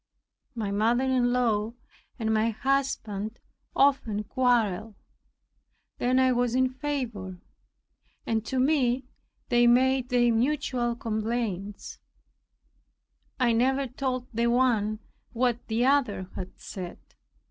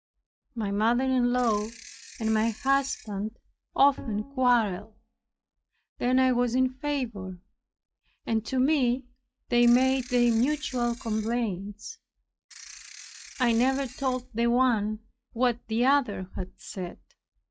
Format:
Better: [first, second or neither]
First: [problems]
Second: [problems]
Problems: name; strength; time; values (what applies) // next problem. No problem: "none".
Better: first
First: none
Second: noise reduction (classical method log-MMSE)